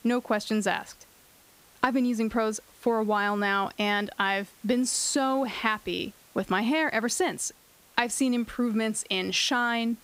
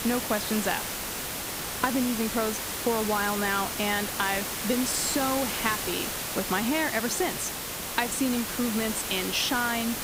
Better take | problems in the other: first | hiss; loud; throughout; 2 dB below the speech; faint in the first

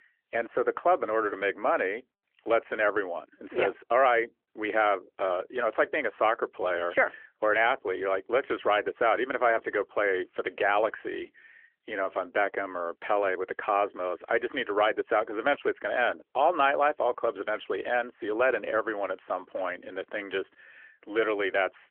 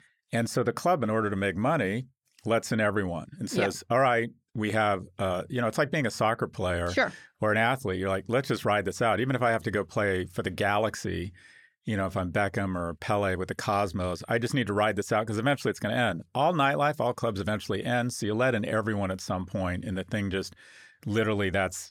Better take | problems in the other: second | phone-call audio; nothing above 3 kHz

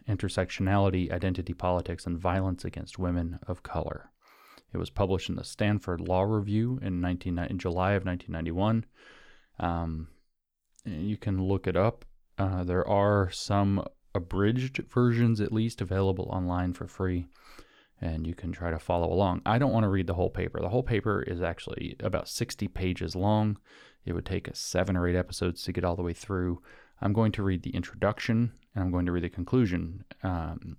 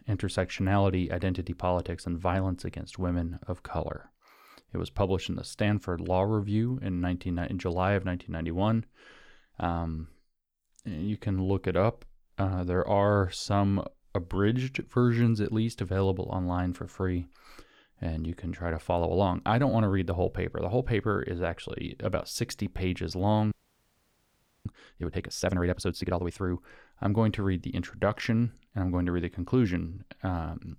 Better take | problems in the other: first | audio freezing; at 24 s for 1 s

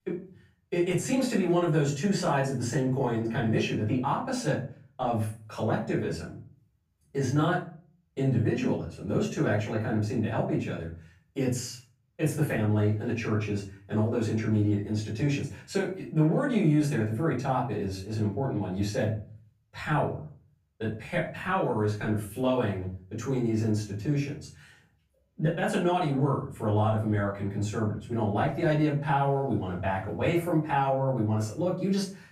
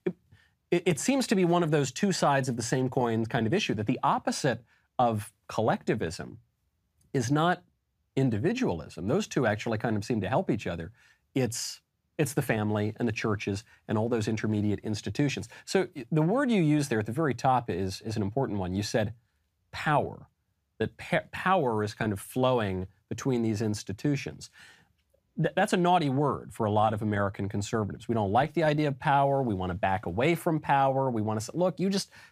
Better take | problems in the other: second | off-mic speech; far // room echo; slight; dies away in 0.4 s

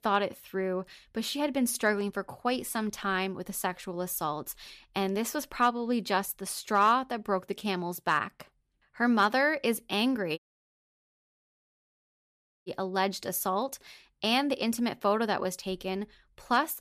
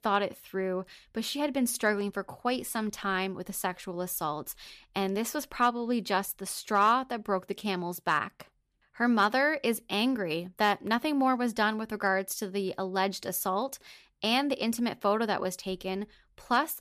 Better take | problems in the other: second | audio cutting out; at 10 s for 2.5 s

